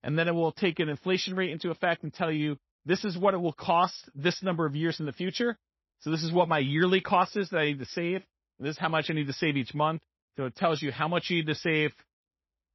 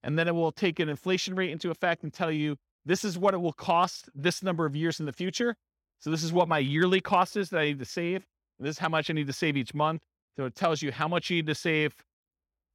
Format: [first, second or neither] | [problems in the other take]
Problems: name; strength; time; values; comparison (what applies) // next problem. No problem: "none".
second | garbled, watery; slightly; nothing above 5.5 kHz